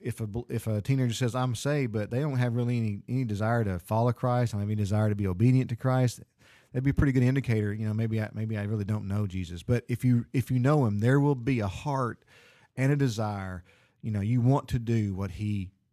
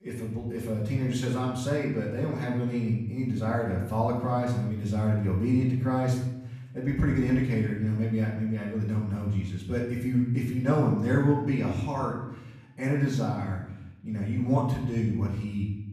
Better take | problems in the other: first | off-mic speech; far // room echo; noticeable; dies away in 0.9 s

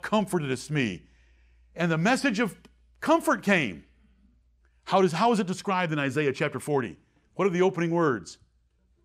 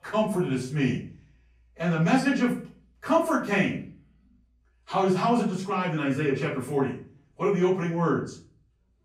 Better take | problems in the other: first | off-mic speech; far // room echo; slight; dies away in 0.4 s

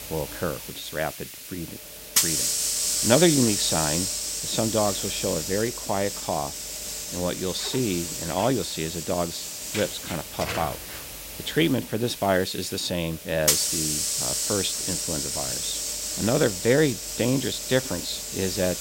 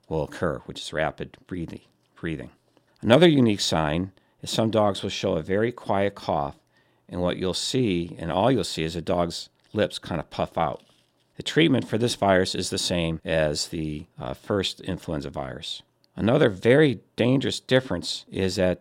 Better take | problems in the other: second | hiss; loud; throughout; as loud as the speech

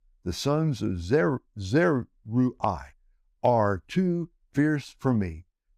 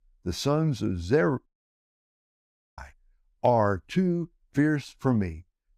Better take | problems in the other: first | audio cutting out; at 1.5 s for 1.5 s

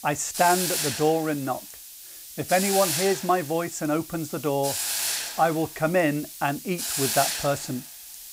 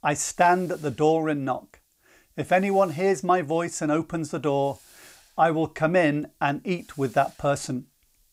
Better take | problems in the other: second | hiss; loud; throughout; 3 dB below the speech; faint in the second

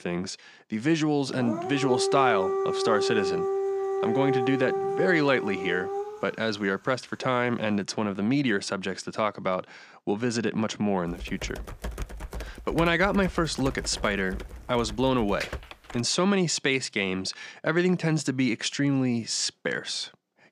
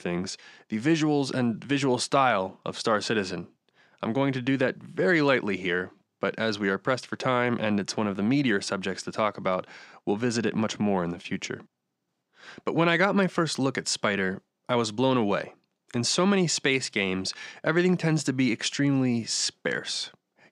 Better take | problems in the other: second | dog barking; loud; from 1.5 to 6.5 s; peak level with the speech // keyboard typing; noticeable; from 11 to 16 s; peak 8 dB below the speech

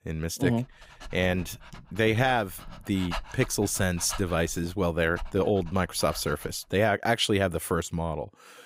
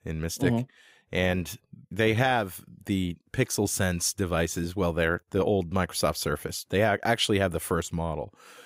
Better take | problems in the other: second | dog barking; noticeable; from 1 to 6.5 s; peak 9 dB below the speech

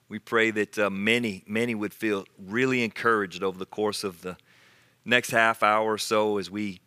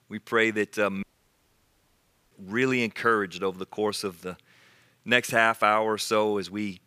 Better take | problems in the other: first | audio cutting out; at 1 s for 1.5 s

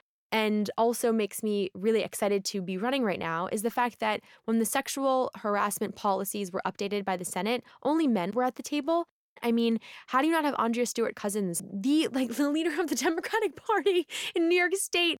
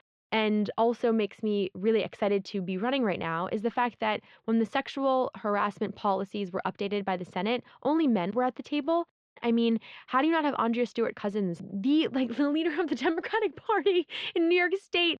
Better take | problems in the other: first | muffled; slightly; fading above 3.5 kHz

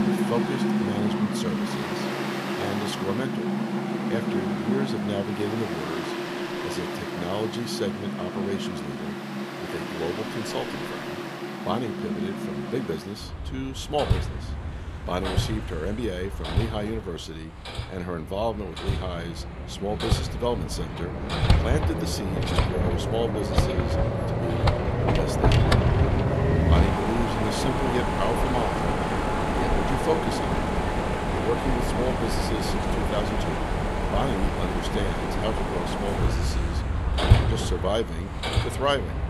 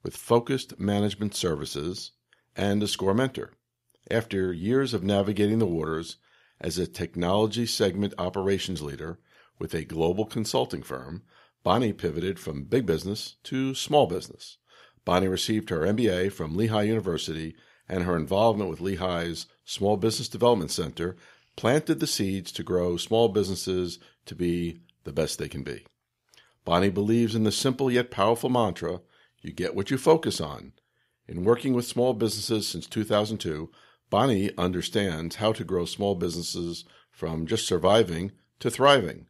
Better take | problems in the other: second | machinery noise; very loud; throughout; 5 dB above the speech

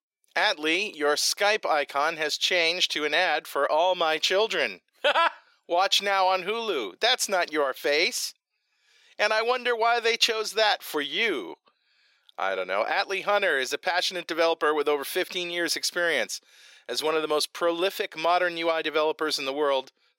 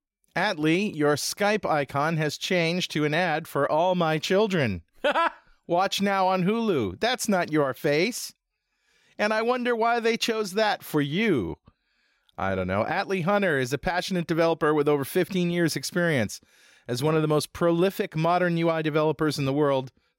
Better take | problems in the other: second | thin; very; fading below 400 Hz

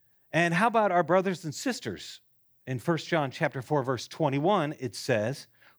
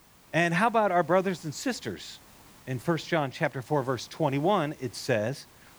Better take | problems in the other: first | hiss; faint; throughout; 25 dB below the speech

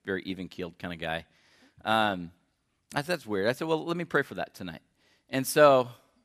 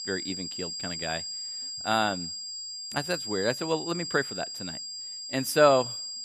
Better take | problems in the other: first | high-pitched whine; loud; throughout; 5 kHz, 5 dB below the speech

